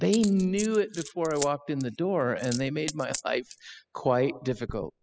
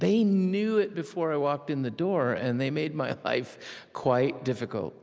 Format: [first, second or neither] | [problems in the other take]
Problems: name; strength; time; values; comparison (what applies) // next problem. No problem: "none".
second | noise reduction (classical method spectral subtraction)